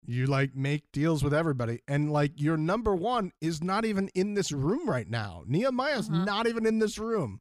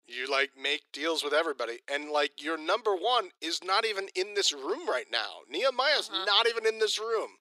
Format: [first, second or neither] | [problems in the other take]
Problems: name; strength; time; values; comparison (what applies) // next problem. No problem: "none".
first | thin; very; fading below 400 Hz